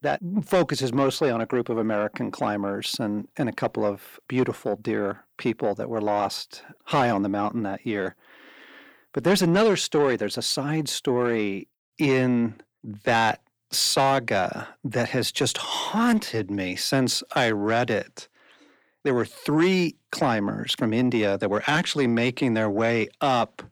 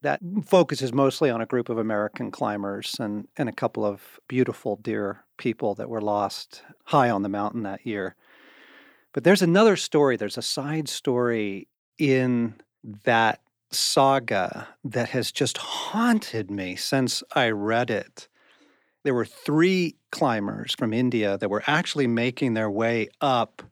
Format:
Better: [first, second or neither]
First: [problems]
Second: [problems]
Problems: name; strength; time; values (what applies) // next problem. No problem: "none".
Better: second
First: distortion; slight; 10 dB below the speech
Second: none